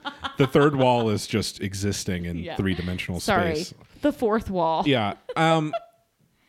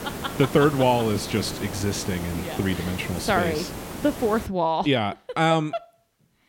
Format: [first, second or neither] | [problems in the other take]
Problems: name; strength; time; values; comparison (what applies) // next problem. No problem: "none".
first | hiss; very faint; until 4.5 s; 10 dB below the speech